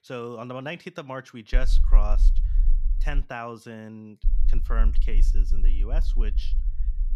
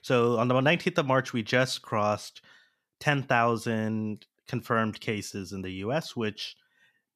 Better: second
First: low rumble; noticeable; from 1.5 to 3 s and from 4 s on; 15 dB below the speech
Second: none

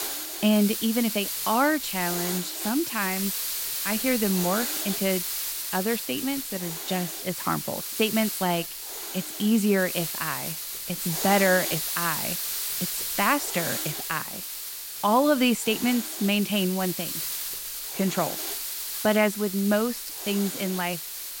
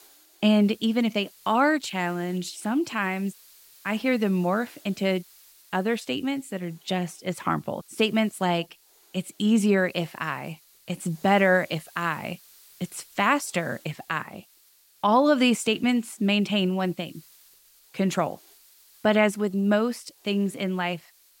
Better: second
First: hiss; loud; throughout; 3 dB below the speech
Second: hiss; faint; throughout; 25 dB below the speech

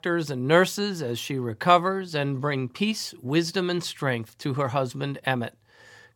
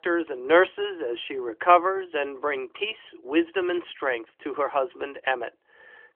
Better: first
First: none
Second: phone-call audio; nothing above 3.5 kHz

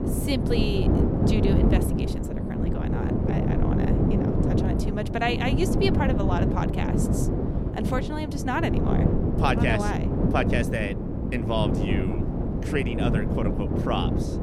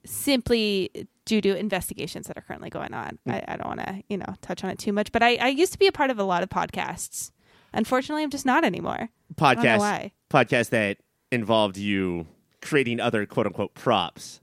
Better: second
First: wind noise on the microphone; heavy; 1 dB below the speech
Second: none

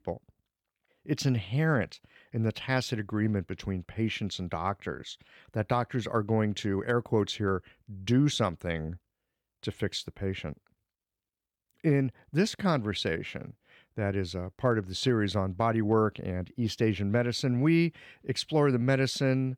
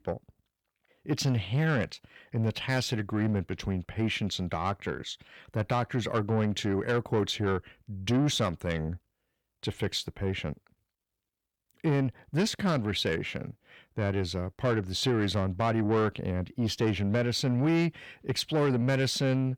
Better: first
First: none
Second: distortion; slight; 10 dB below the speech

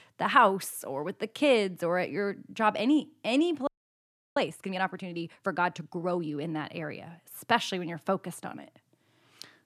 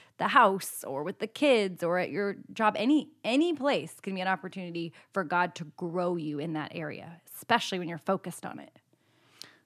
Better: second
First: audio freezing; at 3.5 s for 0.5 s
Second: none

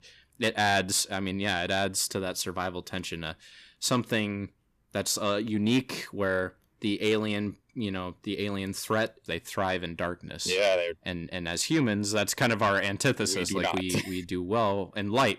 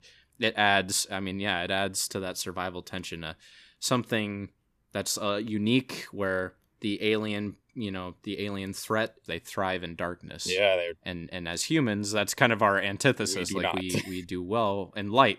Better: second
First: distortion; slight; 10 dB below the speech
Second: none

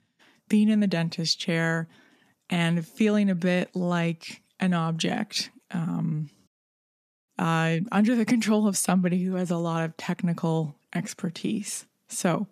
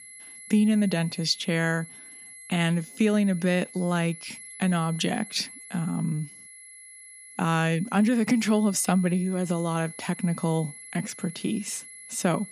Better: first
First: none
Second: high-pitched whine; noticeable; throughout; 11 kHz, 15 dB below the speech

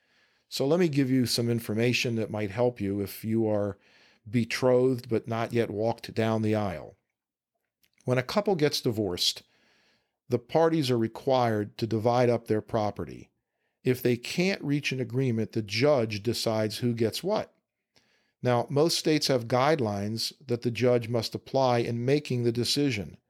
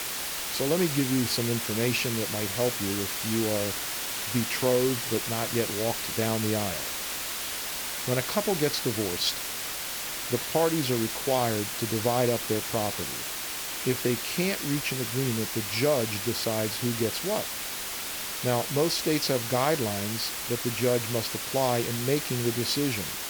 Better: first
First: none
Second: hiss; loud; throughout; 2 dB below the speech

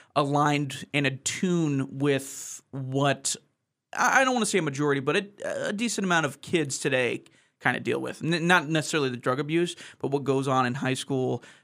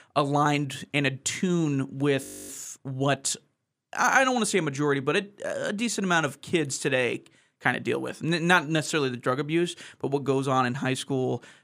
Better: first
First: none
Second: audio freezing; at 2 s

